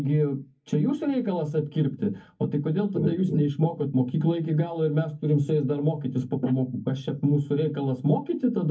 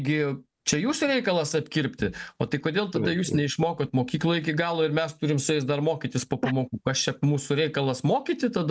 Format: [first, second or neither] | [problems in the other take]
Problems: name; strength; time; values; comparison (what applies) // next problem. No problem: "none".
second | room echo; dies away in 0.3 s